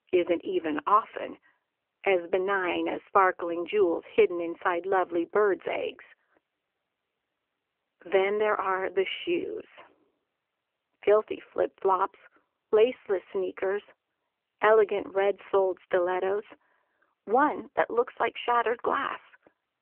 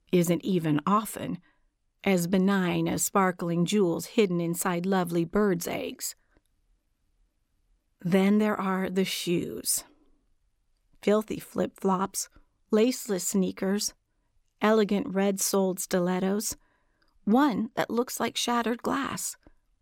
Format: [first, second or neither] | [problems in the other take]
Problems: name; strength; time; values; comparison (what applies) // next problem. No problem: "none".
second | phone-call audio; nothing above 3 kHz